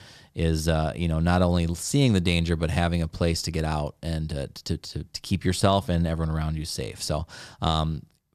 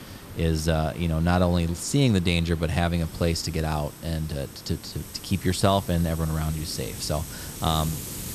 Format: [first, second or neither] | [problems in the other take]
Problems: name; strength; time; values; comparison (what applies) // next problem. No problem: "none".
first | hiss; noticeable; throughout; 15 dB below the speech